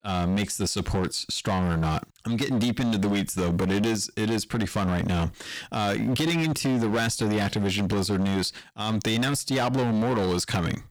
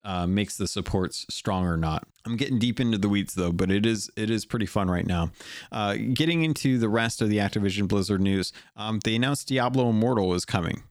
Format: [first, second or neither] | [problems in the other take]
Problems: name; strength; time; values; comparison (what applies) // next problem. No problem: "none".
second | distortion; heavy; 22% of the sound clipped